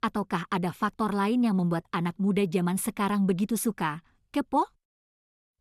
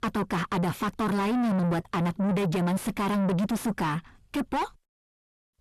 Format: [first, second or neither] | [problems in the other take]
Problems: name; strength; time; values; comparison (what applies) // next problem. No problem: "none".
first | distortion; heavy; 5 dB below the speech